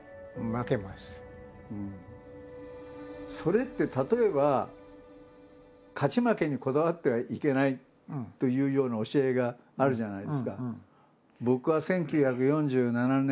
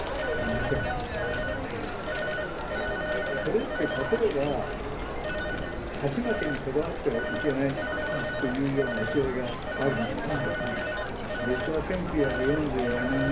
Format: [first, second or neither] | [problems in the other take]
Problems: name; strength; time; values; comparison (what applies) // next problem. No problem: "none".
first | background sound (Telephone); as loud as the speech // room echo; dies away in 0.3 s